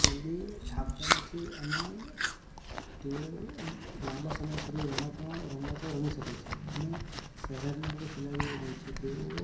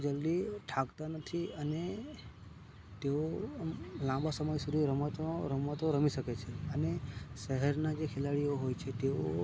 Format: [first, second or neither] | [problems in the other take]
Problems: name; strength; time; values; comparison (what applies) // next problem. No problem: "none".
second | background sound (Chewing, mastication); 1 dB above the speech // room echo; dies away in 0.7 s